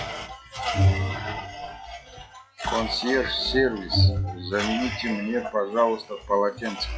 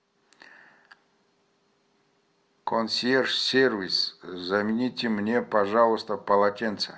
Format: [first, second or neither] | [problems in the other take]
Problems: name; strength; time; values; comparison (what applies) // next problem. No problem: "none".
second | noise reduction (classical method log-MMSE)